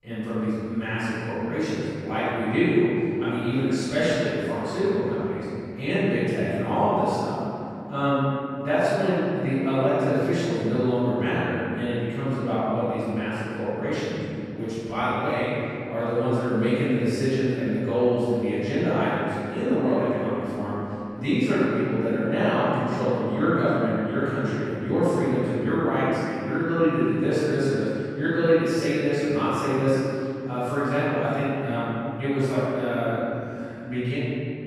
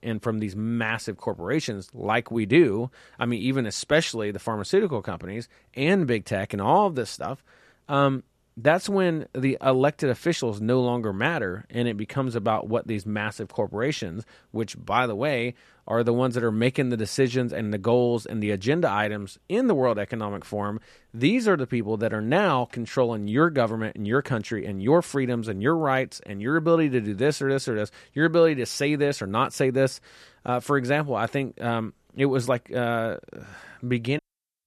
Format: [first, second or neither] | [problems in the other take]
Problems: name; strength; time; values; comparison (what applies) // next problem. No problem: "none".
second | off-mic speech; far // room echo; strong; dies away in 2.8 s